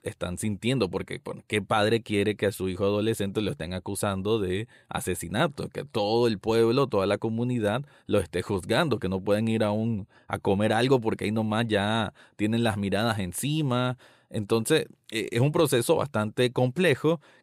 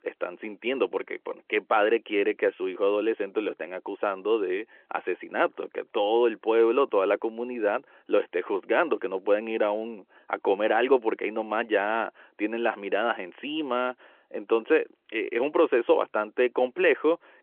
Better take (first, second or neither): first